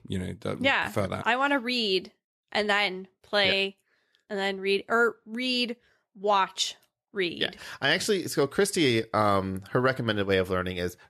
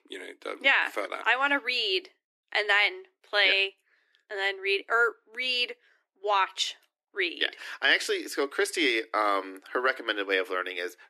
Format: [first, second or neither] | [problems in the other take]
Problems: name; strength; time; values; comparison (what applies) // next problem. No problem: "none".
first | thin; somewhat; fading below 300 Hz